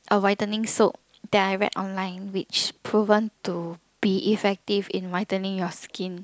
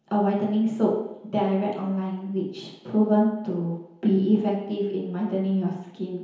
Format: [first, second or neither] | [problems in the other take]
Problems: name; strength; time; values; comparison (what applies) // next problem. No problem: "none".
first | room echo; dies away in 1 s